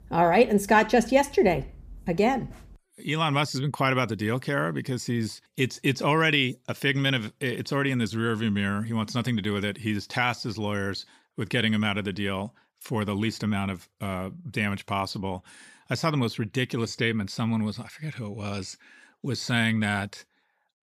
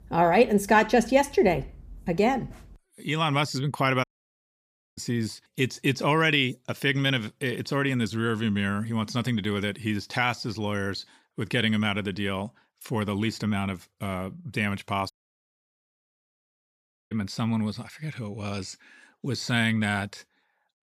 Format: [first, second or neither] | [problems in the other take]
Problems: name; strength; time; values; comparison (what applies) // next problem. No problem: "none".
first | audio cutting out; at 4 s for 1 s and at 15 s for 2 s